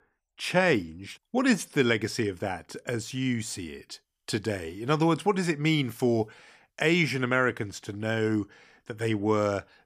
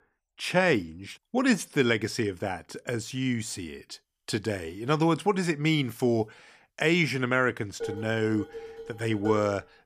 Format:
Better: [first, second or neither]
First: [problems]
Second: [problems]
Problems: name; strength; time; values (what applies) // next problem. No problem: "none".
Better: first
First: none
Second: clattering dishes; noticeable; from 8 s on; peak 9 dB below the speech